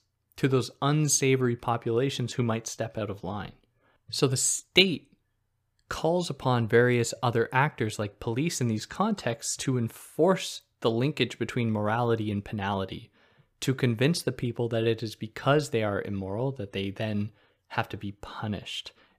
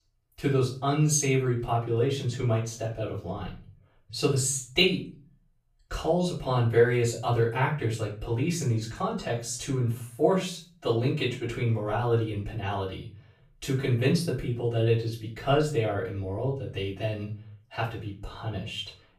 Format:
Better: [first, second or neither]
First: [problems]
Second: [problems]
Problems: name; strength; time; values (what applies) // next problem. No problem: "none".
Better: first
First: none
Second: off-mic speech; far // room echo; slight; dies away in 0.3 s